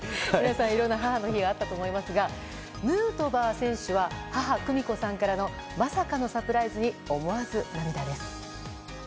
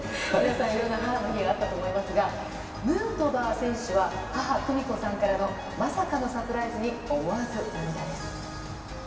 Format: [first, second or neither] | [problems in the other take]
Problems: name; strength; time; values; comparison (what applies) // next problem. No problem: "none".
first | background sound (Rain); 16 dB below the speech // room echo; dies away in 2.5 s